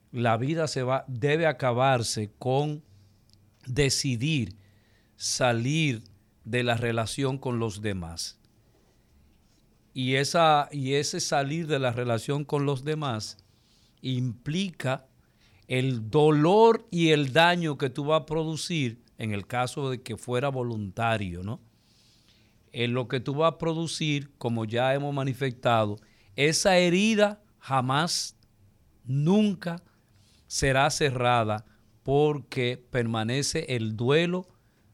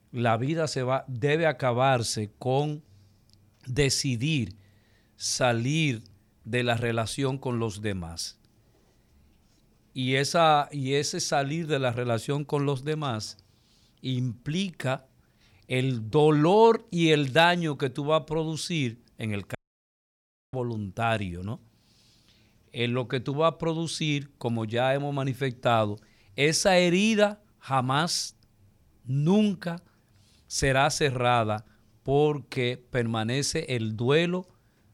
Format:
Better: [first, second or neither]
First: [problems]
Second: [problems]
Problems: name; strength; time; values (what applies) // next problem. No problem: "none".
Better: first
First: none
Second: audio cutting out; at 20 s for 1 s